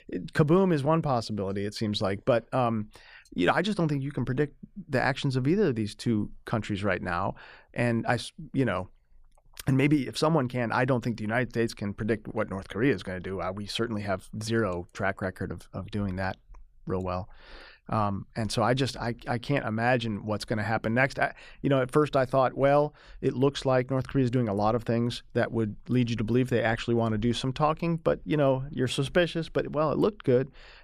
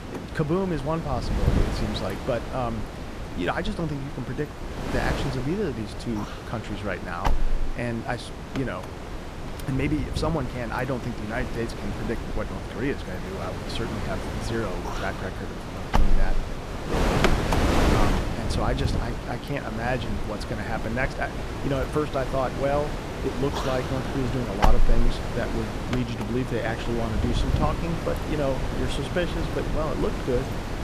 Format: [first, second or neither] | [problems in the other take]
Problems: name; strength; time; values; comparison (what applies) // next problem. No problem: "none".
first | wind noise on the microphone; heavy; 2 dB below the speech